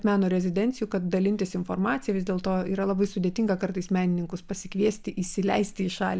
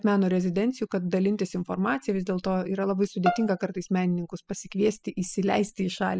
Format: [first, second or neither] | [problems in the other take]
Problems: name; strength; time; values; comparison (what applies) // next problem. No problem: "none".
first | noise reduction (classical method spectral subtraction)